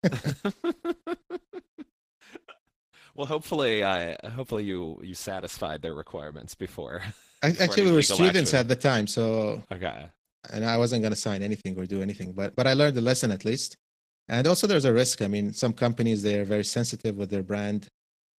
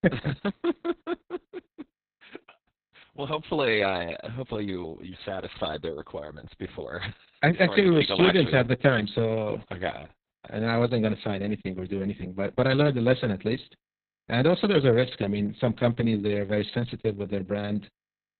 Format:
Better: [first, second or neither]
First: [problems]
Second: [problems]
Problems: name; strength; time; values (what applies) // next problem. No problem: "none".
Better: first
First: garbled, watery; slightly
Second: garbled, watery; badly; nothing above 4 kHz